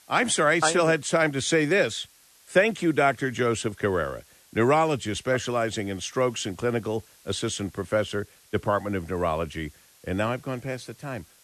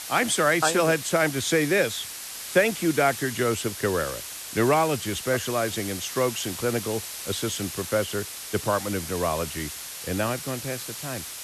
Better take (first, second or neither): first